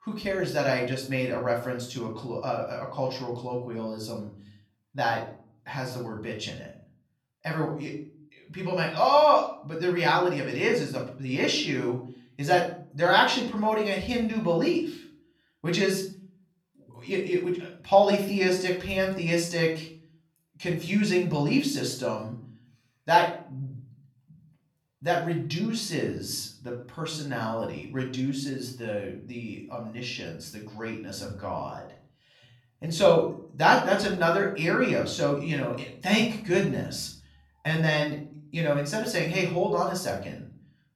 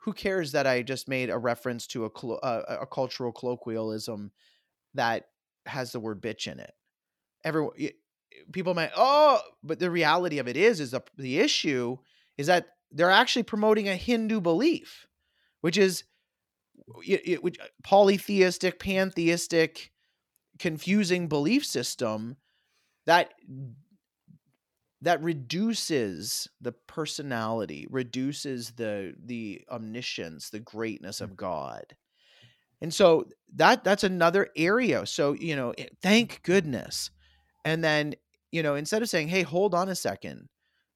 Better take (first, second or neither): second